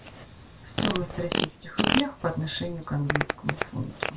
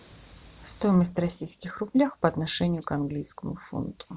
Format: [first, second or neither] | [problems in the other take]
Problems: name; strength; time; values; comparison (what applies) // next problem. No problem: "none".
second | background sound (Fart); as loud as the speech // room echo; dies away in 0.2 s